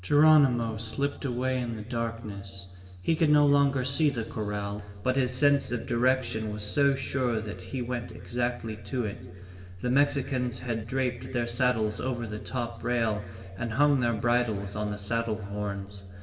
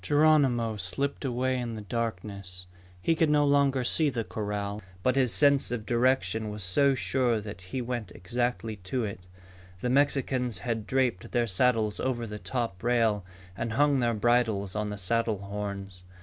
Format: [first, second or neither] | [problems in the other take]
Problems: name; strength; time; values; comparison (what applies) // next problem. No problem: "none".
second | room echo; dies away in 1.7 s